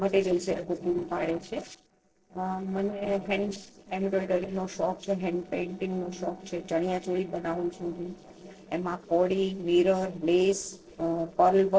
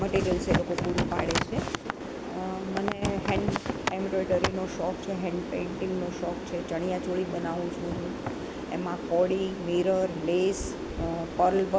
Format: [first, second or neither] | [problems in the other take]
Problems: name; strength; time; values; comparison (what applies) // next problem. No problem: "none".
second | noise reduction (neural separator model SepFormer DNS4)